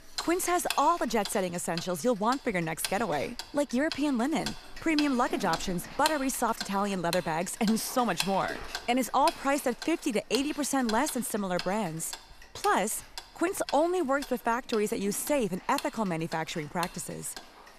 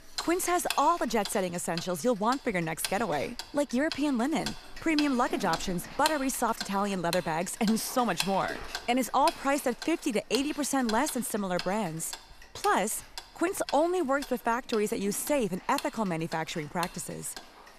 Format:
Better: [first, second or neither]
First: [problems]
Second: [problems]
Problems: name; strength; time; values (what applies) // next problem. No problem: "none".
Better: neither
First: household noises; noticeable; throughout; 10 dB below the speech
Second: household noises; noticeable; throughout; 10 dB below the speech